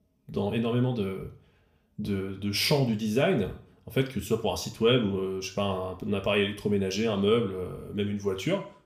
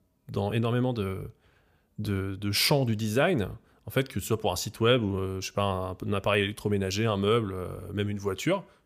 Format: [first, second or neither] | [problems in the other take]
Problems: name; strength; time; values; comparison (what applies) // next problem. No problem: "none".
second | room echo; very slight; dies away in 0.4 s